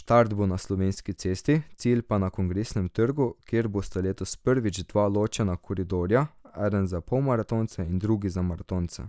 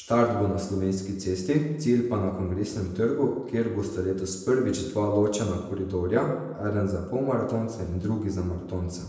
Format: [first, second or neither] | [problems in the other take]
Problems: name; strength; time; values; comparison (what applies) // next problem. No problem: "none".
first | room echo; dies away in 0.9 s